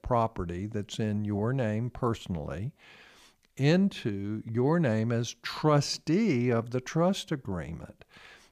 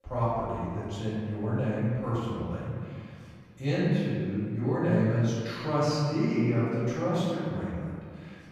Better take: first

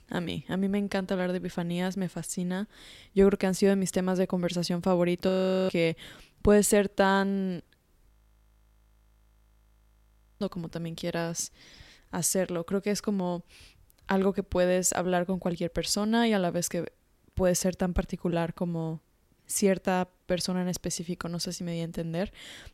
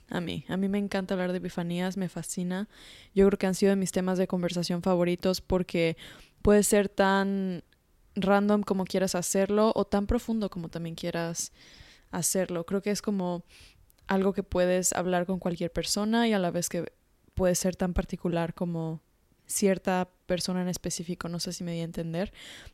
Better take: second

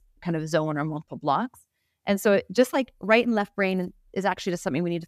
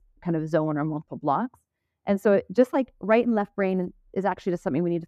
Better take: first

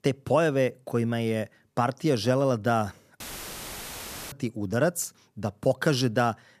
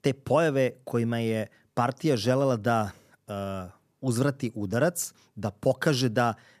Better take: second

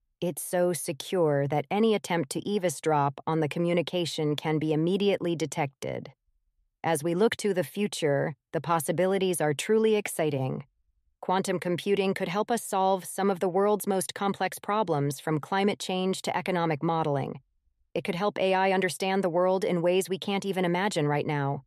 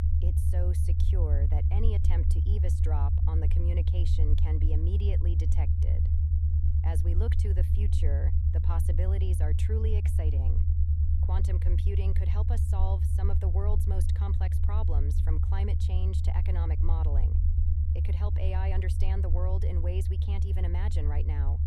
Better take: first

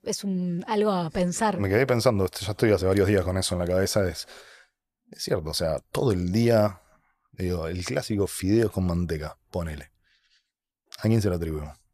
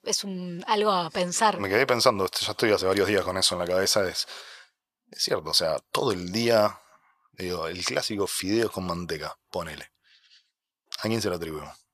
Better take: first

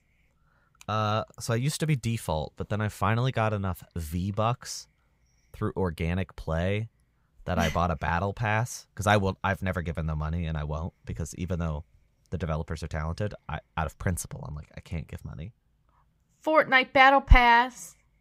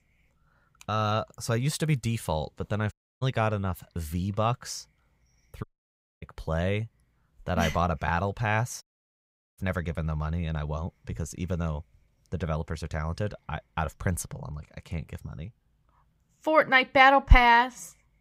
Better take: first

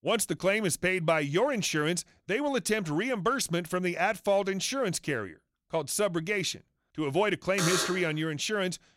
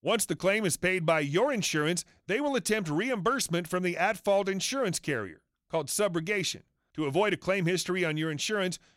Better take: second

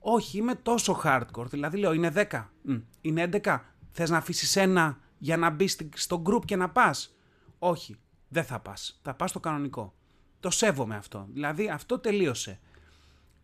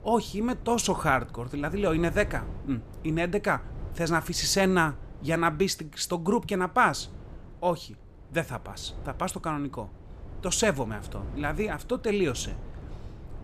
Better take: first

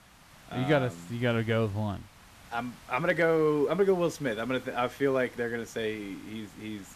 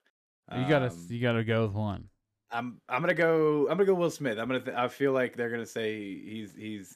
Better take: second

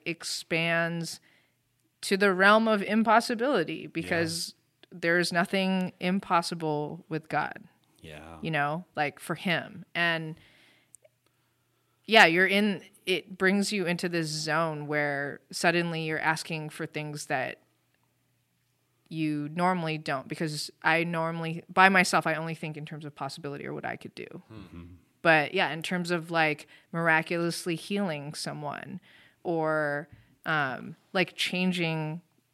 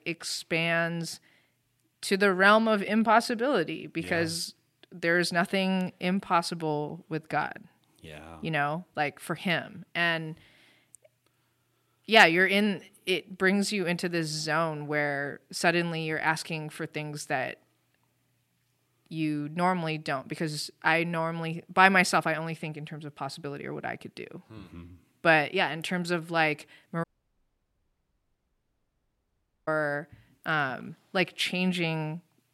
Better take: first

